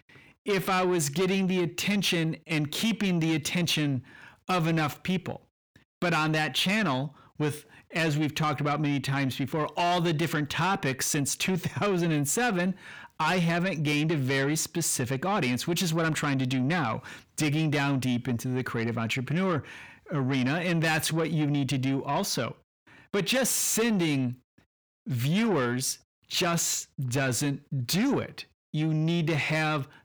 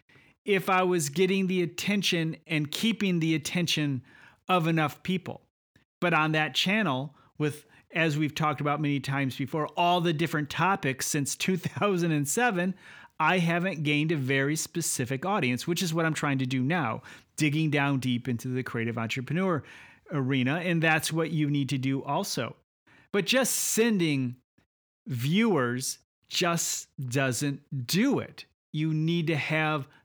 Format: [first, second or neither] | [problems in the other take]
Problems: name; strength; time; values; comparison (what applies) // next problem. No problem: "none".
second | distortion; slight; 10 dB below the speech